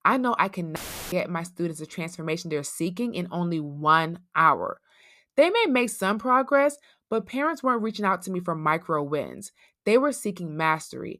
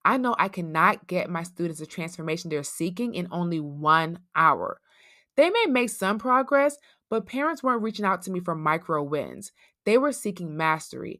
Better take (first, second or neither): second